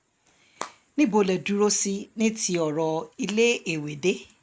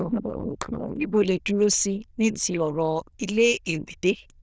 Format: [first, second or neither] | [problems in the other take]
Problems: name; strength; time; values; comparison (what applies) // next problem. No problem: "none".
first | noise reduction (neural diffusion model UNIVERSE++)